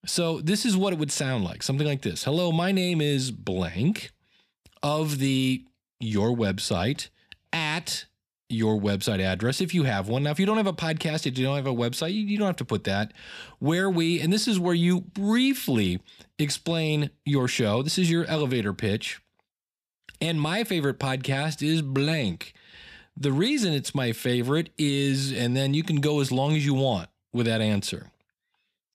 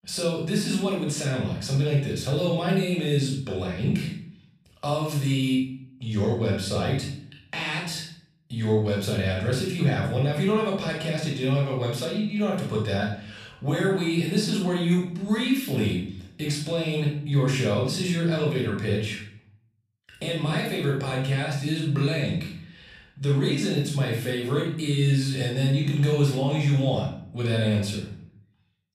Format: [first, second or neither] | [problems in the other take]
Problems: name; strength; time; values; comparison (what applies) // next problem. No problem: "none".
first | off-mic speech; far // room echo; noticeable; dies away in 0.6 s